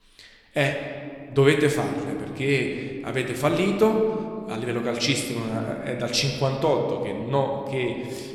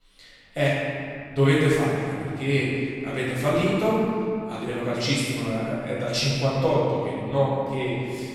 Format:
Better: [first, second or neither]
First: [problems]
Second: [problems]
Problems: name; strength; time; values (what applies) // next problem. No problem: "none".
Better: first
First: room echo; slight; dies away in 1.9 s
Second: room echo; strong; dies away in 2.3 s // off-mic speech; far